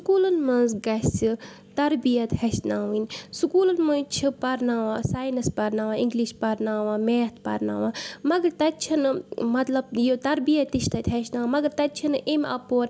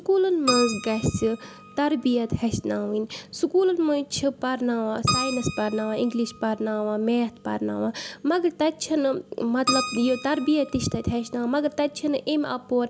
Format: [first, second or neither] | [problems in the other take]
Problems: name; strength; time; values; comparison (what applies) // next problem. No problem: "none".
first | background sound (Keyboard (musical)); 11 dB below the speech